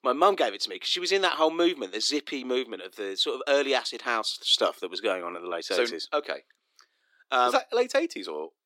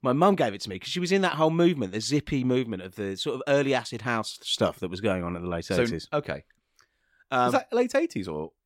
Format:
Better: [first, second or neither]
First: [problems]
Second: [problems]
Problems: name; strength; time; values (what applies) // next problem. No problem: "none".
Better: second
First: thin; somewhat; fading below 300 Hz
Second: none